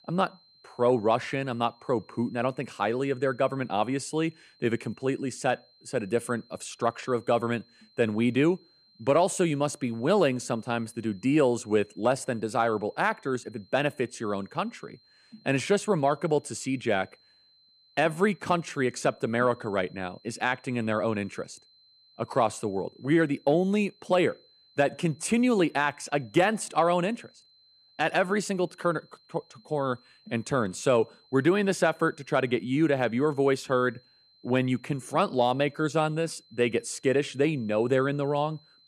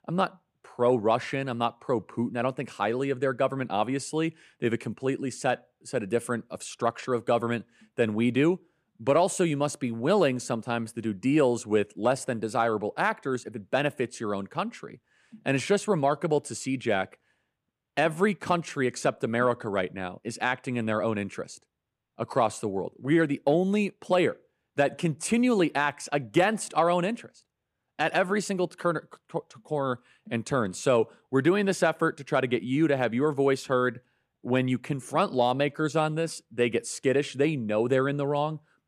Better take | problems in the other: second | high-pitched whine; faint; throughout; 4 kHz, 30 dB below the speech

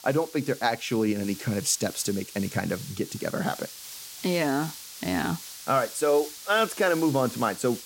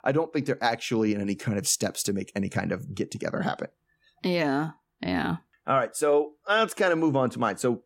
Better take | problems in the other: second | hiss; noticeable; throughout; 10 dB below the speech

